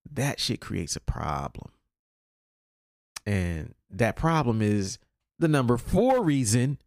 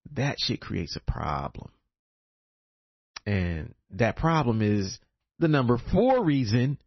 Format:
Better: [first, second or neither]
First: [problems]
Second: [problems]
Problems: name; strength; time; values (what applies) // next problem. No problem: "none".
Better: first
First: none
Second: garbled, watery; slightly; nothing above 6 kHz